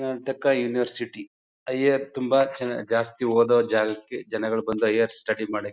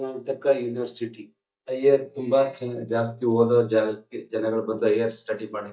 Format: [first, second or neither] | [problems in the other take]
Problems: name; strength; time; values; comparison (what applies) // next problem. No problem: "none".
first | noise reduction (neural mask model DeepFilterNet 3)